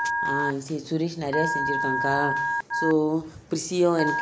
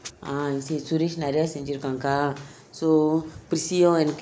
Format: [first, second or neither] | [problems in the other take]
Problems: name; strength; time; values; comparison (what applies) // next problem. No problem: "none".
second | background sound (Telephone); 2 dB below the speech